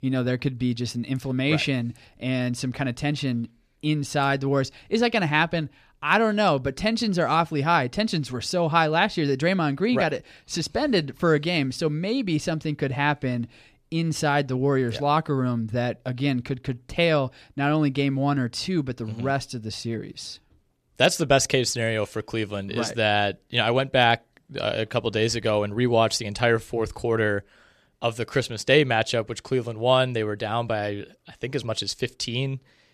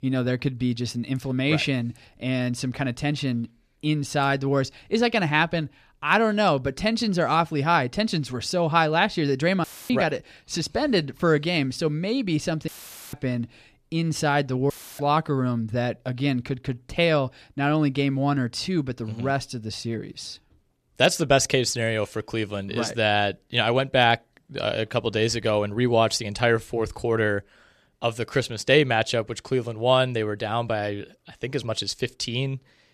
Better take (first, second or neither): first